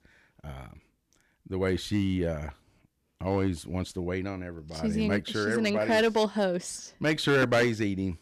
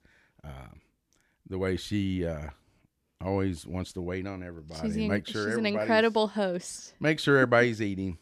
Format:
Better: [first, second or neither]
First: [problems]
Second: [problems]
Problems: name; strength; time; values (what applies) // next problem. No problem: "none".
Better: second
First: distortion; slight; 3% of the sound clipped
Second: none